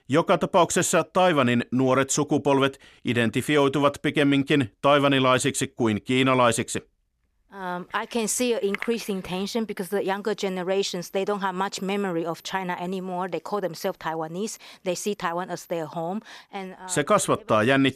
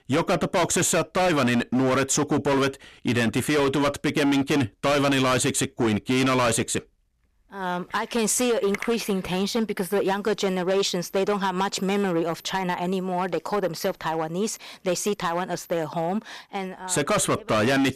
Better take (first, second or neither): first